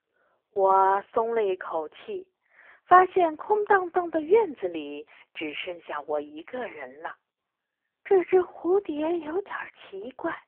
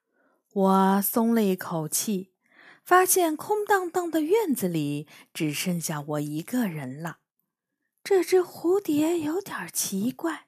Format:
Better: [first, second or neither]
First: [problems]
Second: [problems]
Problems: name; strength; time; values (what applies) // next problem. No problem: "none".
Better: second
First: phone-call audio; poor line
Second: none